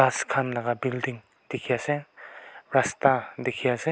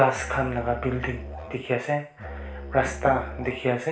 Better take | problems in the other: first | background sound (Musical instrument); 11 dB below the speech // room echo; dies away in 0.4 s

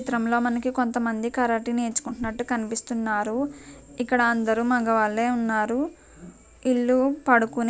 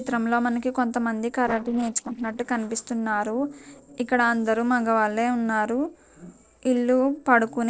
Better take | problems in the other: first | noise reduction (neural separator model SepFormer DNS4)

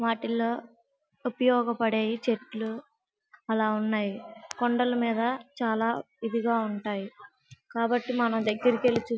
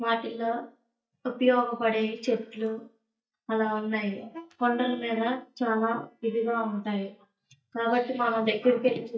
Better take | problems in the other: first | noise reduction (neural mask model DeepFilterNet 3)

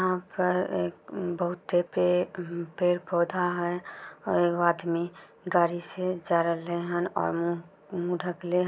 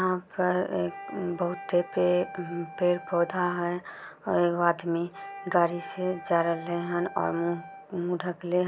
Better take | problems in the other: first | background sound (Wind instrument, woodwind instrument); 16 dB below the speech

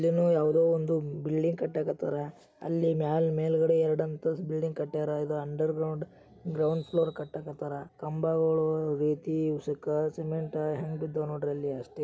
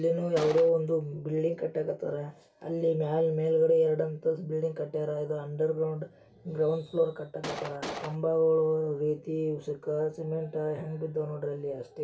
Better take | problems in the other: first | background sound (Gunshot, gunfire); 8 dB below the speech // room echo; dies away in 0.2 s

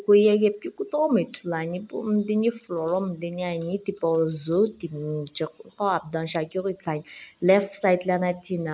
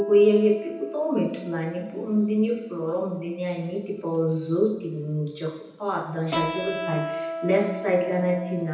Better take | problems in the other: first | background sound (Keyboard (musical)); 12 dB below the speech // room echo; dies away in 0.9 s

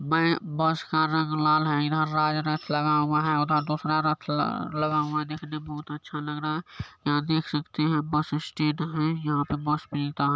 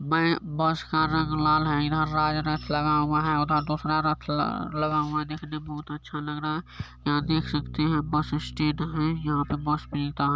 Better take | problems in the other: first | background sound (Bass guitar); 15 dB below the speech

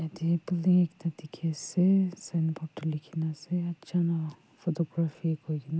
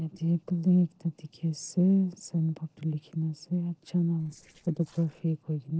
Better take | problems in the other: first | noise reduction (neural separator model SepFormer DNS4)

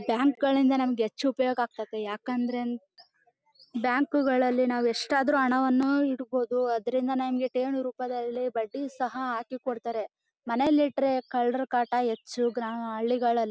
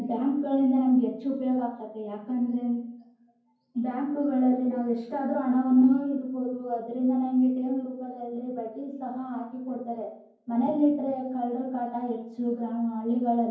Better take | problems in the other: first | room echo; dies away in 0.9 s

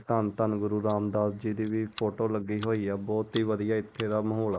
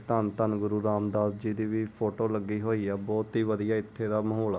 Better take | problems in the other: second | noise reduction (neural mask model Resemble Enhance denoiser)

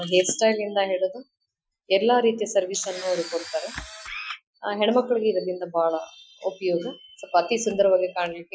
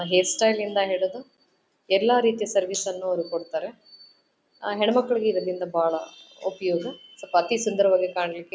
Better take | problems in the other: second | noise reduction (classical method Wiener filter)

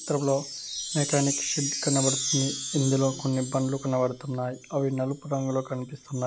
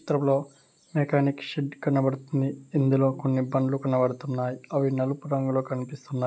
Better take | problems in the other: second | background sound (Chime); 6 dB below the speech

